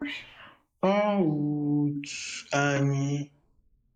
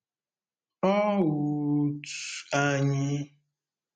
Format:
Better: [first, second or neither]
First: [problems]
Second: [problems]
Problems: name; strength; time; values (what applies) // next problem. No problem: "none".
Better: second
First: noise reduction (neural mask model Resemble Enhance denoiser)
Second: none